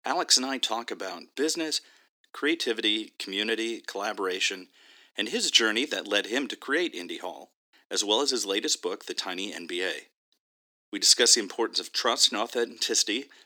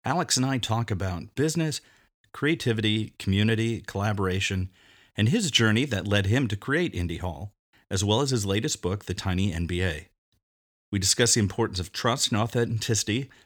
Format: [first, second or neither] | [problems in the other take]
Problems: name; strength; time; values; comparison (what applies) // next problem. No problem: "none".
second | thin; somewhat; fading below 300 Hz